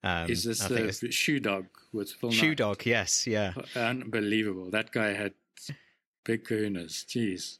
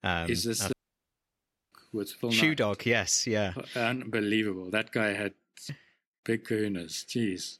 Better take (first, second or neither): first